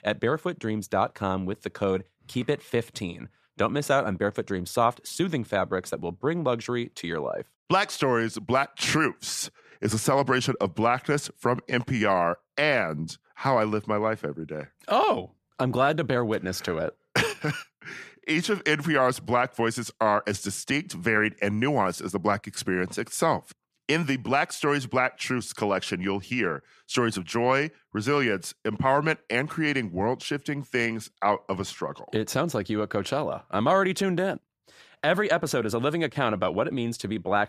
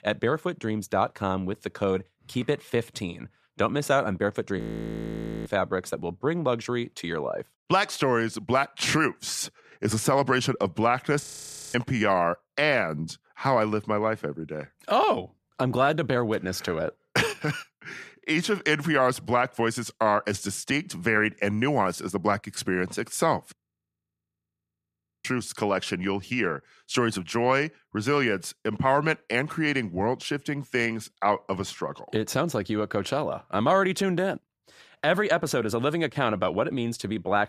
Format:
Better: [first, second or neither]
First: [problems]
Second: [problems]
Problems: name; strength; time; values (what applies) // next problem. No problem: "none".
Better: first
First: none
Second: audio freezing; at 4.5 s for 1 s, at 11 s for 0.5 s and at 24 s for 1.5 s